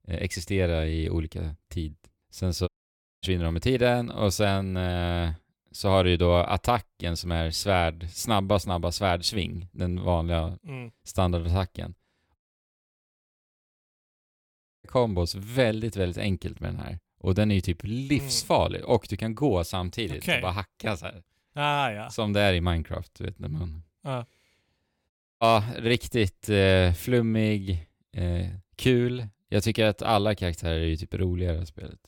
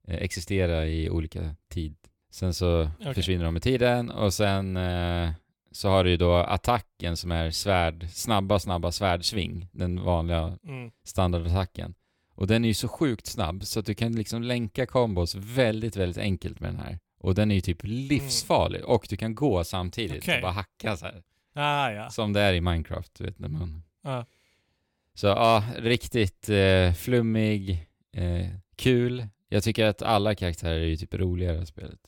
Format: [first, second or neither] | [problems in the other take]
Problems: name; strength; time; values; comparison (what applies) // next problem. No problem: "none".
second | audio cutting out; at 2.5 s for 0.5 s, at 12 s for 2.5 s and at 25 s